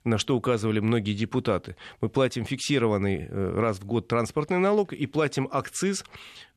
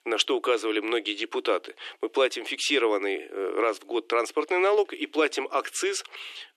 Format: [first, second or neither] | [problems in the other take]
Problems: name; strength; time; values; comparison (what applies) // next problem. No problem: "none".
first | thin; very; fading below 300 Hz